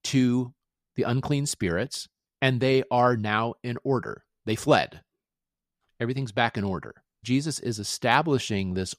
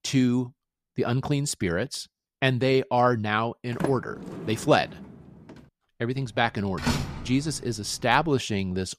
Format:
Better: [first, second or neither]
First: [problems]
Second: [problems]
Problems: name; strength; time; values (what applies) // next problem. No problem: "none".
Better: first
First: none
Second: door banging; noticeable; at 3.5 s and from 7 to 8.5 s; peak 2 dB below the speech